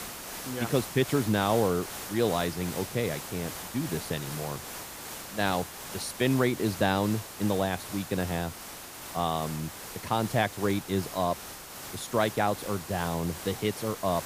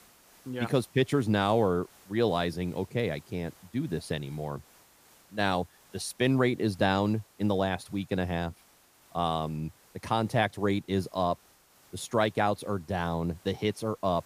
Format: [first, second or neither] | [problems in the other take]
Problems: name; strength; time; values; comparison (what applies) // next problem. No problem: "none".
second | hiss; loud; throughout; 9 dB below the speech; faint in the second